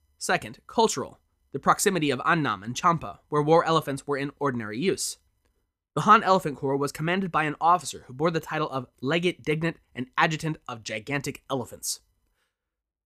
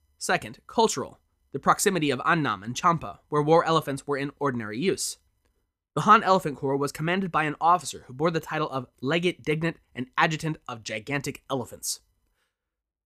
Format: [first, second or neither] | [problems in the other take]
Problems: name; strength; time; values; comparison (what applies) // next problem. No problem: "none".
neither | none